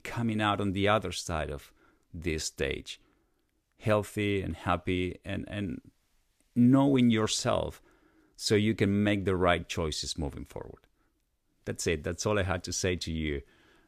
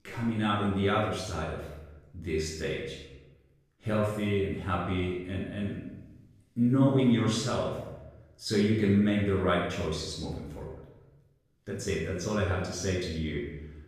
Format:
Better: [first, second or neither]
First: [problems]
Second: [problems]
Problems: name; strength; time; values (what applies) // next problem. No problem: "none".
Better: first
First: none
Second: room echo; noticeable; dies away in 0.9 s // off-mic speech; far